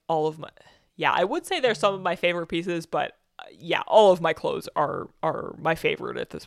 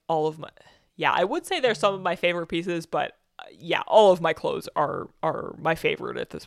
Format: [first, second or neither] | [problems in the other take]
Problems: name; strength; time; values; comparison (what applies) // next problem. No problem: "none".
neither | none